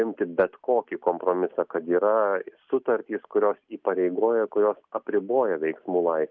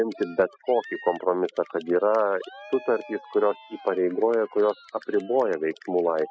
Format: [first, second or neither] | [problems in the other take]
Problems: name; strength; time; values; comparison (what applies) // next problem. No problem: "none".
first | noise reduction (classical method spectral subtraction)